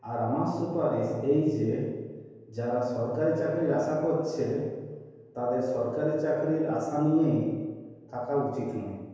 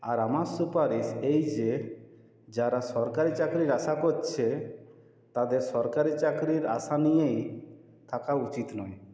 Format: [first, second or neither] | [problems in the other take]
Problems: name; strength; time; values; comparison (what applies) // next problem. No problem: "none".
second | room echo; dies away in 1.2 s